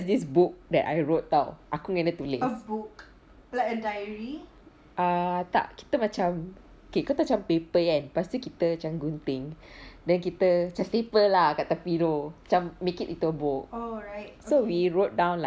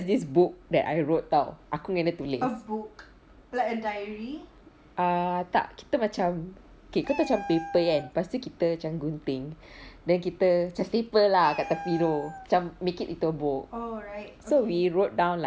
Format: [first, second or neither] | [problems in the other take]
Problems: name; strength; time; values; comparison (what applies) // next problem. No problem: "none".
first | background sound (Meow); 15 dB below the speech